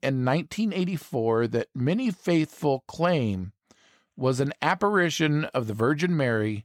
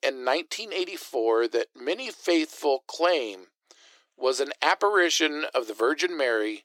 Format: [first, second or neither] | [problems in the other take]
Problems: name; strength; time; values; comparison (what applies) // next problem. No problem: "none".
first | thin; very; fading below 350 Hz